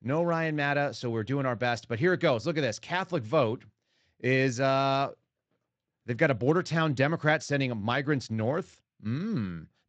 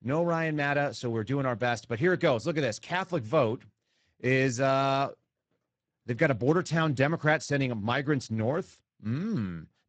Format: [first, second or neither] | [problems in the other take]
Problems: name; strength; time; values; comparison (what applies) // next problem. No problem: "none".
first | garbled, watery; badly; nothing above 8 kHz; slightly in the first